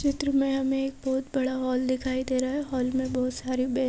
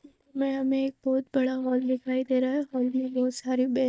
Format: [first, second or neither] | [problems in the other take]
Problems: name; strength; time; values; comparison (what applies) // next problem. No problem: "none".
first | noise reduction (neural mask model DeepFilterNet 3)